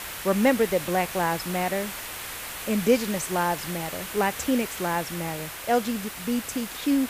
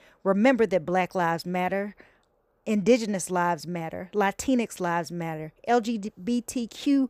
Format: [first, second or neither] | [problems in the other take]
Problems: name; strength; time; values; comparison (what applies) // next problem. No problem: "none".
second | hiss; loud; throughout; 7 dB below the speech